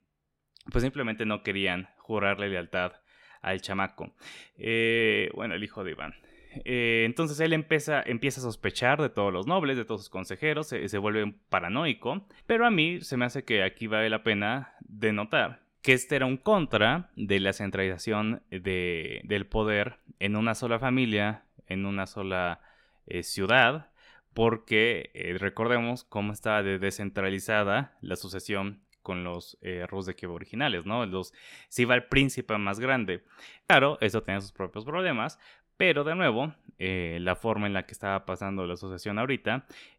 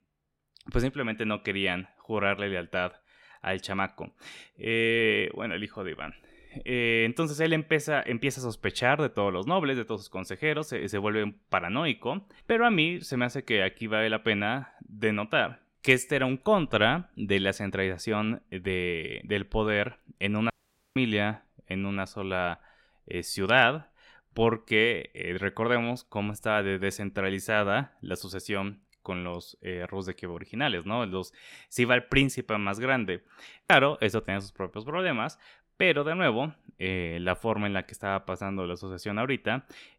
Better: first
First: none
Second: audio cutting out; at 21 s

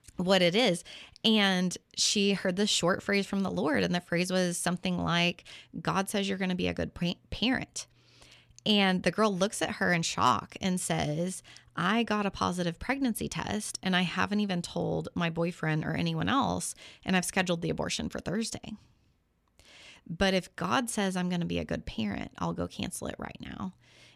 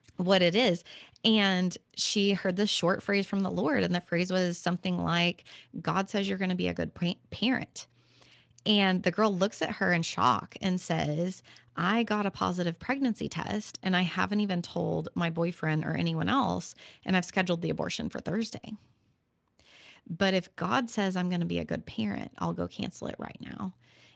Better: first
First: none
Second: garbled, watery; slightly

